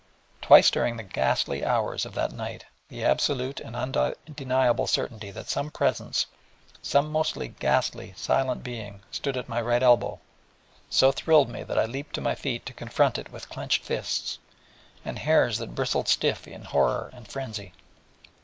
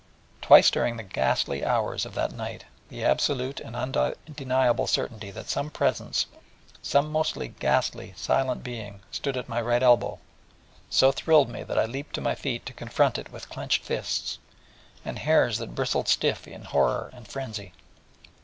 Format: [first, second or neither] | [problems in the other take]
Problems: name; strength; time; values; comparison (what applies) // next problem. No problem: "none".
second | noise reduction (neural mask model Resemble Enhance denoiser)